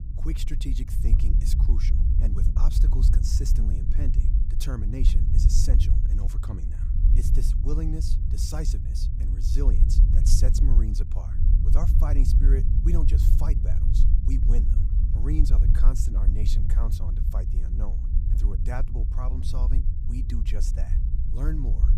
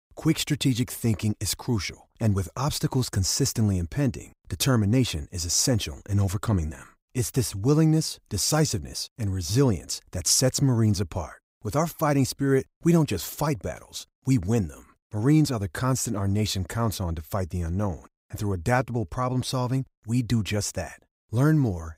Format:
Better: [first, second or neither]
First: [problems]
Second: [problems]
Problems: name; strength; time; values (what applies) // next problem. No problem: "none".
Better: second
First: low rumble; loud; throughout; 3 dB below the speech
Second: none